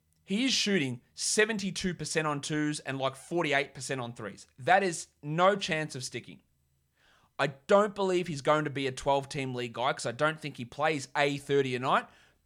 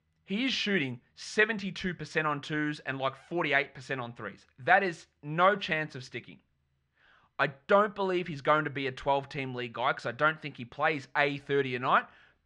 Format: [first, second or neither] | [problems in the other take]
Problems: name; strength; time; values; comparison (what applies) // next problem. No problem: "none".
first | muffled; slightly; fading above 3 kHz